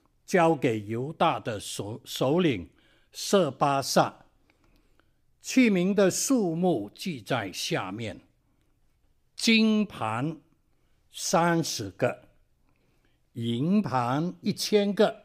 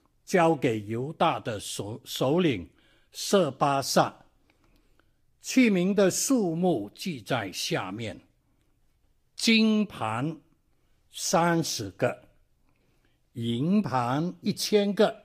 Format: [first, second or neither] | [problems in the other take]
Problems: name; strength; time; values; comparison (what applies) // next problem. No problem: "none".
first | garbled, watery; slightly; nothing above 15 kHz